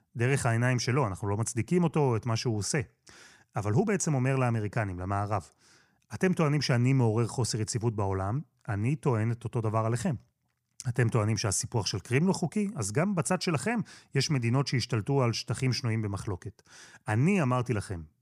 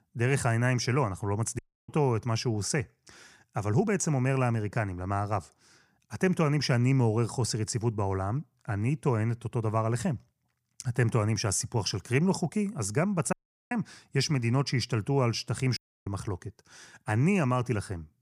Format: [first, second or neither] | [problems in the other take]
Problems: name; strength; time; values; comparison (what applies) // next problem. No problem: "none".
first | audio cutting out; at 1.5 s, at 13 s and at 16 s